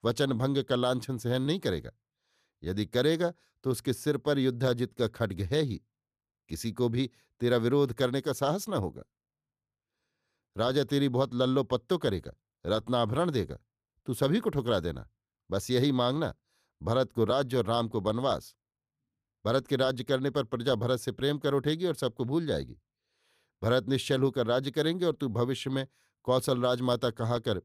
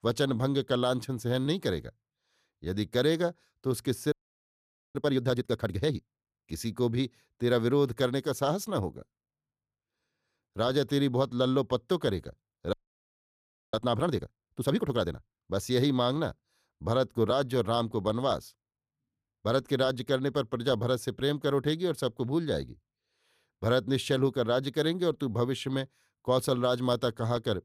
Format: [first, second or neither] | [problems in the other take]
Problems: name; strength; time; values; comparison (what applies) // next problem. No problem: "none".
first | audio freezing; at 4 s for 1 s and at 13 s for 1 s